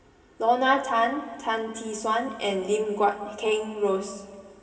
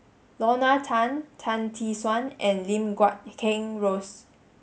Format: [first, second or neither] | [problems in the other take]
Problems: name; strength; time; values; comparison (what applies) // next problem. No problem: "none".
second | room echo; dies away in 2.2 s